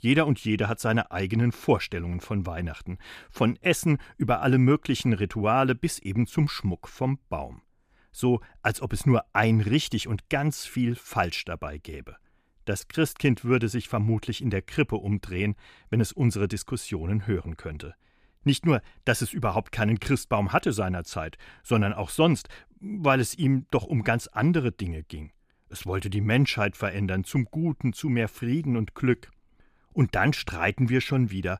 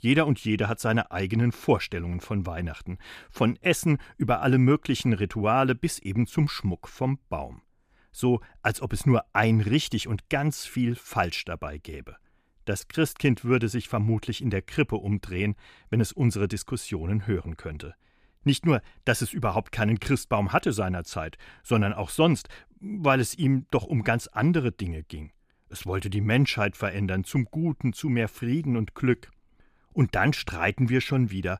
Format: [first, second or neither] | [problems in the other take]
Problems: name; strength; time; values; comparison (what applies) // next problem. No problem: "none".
neither | none